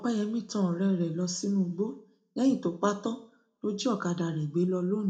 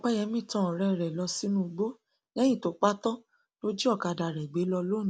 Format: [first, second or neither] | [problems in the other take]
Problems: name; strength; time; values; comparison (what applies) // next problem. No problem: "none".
second | room echo; dies away in 0.3 s